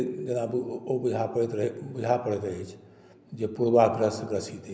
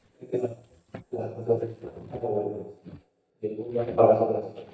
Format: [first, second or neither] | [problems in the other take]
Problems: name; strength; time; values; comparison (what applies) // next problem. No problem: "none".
first | noise reduction (neural mask model DeepFilterNet 3)